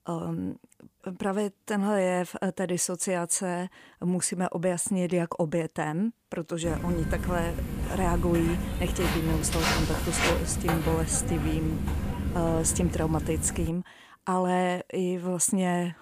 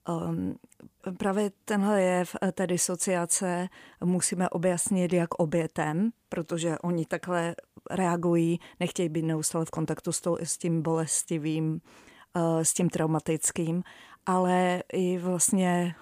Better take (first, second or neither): second